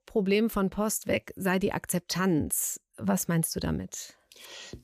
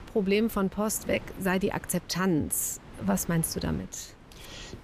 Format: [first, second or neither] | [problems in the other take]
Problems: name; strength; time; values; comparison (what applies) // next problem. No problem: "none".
first | wind noise on the microphone; occasional gusts; 20 dB below the speech